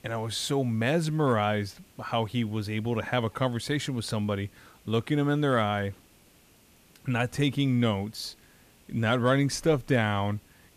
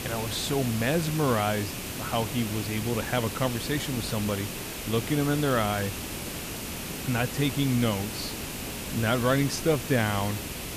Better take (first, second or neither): first